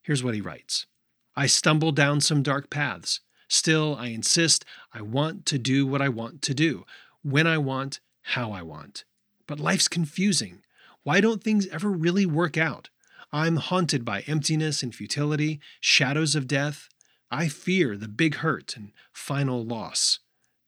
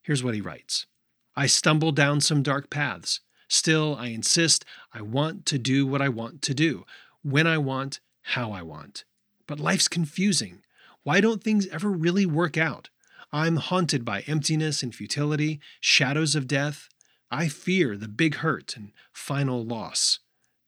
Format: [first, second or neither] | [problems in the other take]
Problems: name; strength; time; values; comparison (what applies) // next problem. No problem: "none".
neither | none